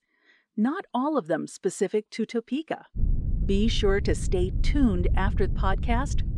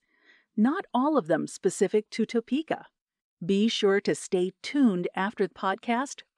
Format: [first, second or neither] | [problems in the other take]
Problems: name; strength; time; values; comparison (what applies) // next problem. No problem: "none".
second | low rumble; noticeable; from 3 s on; 15 dB below the speech